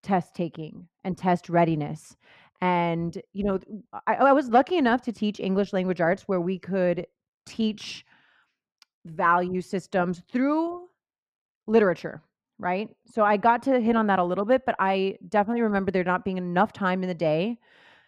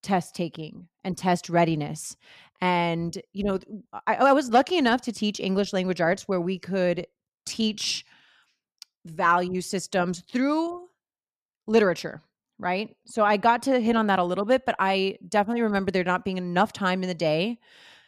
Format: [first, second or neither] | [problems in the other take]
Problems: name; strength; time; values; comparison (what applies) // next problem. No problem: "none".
second | muffled; slightly; fading above 3 kHz